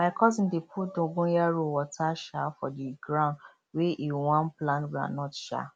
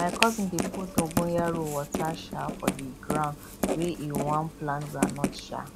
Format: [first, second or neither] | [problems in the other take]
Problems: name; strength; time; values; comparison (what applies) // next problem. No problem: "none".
first | background sound (Writing); 1 dB below the speech